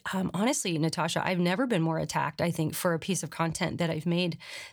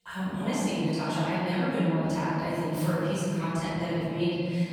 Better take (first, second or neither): first